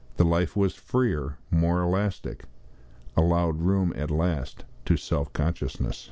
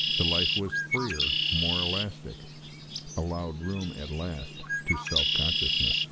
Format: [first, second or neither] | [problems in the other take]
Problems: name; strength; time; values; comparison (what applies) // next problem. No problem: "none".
first | background sound (Bird); 4 dB above the speech